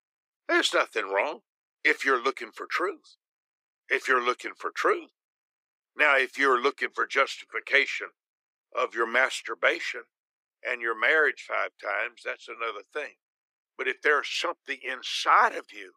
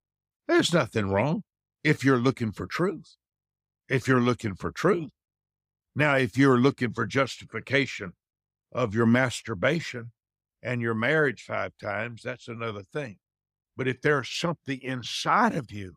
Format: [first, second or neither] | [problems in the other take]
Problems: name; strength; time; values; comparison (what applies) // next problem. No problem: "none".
second | thin; very; fading below 350 Hz